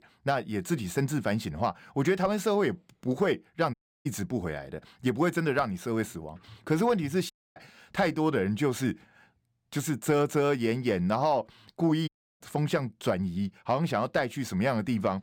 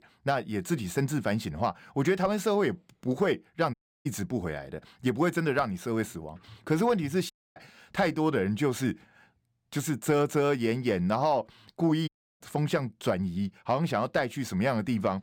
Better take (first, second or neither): neither